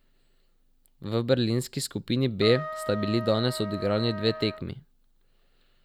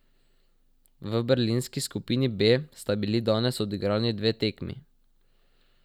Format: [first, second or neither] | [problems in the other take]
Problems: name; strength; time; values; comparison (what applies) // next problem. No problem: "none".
second | background sound (Trumpet); 10 dB below the speech